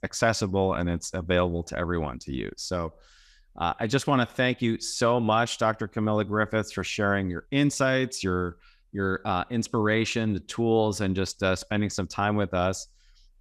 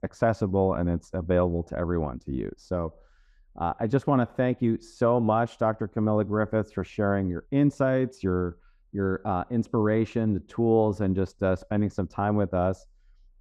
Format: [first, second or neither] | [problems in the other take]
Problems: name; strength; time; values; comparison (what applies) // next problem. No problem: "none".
first | muffled; very; fading above 1.5 kHz